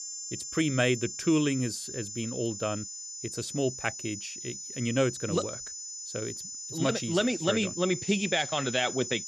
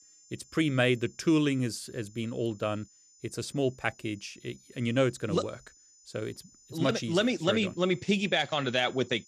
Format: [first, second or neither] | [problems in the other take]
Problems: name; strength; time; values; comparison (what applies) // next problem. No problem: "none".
second | high-pitched whine; loud; throughout; 7 kHz, 7 dB below the speech; faint in the second